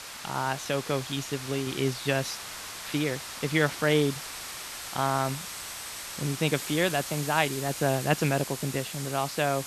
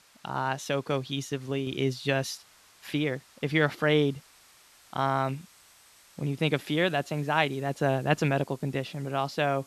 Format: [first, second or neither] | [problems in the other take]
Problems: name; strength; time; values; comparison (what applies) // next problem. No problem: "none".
second | hiss; loud; throughout; 8 dB below the speech; faint in the second